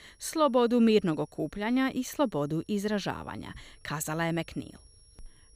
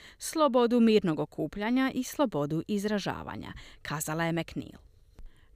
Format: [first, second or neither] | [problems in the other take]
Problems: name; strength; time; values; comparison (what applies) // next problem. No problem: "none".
second | high-pitched whine; faint; throughout; 5.5 kHz, 35 dB below the speech